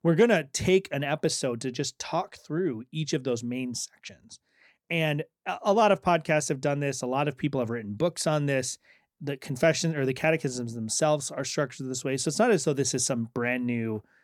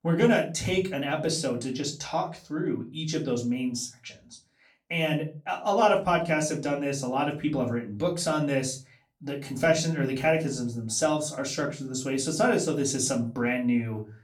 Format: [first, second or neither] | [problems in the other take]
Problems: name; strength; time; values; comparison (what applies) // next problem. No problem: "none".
first | off-mic speech; far // room echo; very slight; dies away in 0.3 s